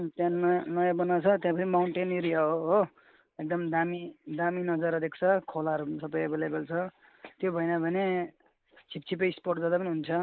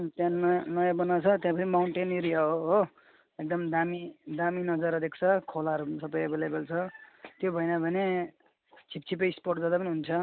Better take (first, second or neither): second